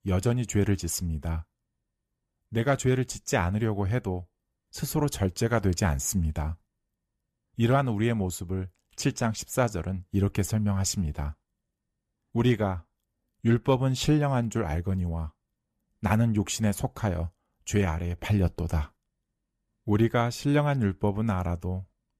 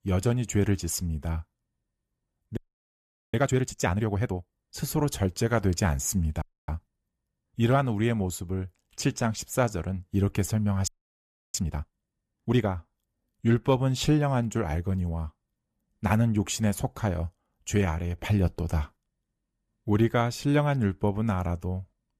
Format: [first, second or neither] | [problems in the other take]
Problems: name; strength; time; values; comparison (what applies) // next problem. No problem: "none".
first | audio freezing; at 2.5 s for 1 s, at 6.5 s and at 11 s for 0.5 s